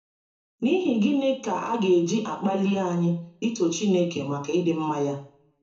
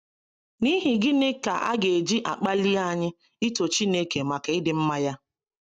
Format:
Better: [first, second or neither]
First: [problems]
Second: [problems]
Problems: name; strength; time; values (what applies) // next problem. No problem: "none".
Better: second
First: room echo; dies away in 0.6 s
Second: none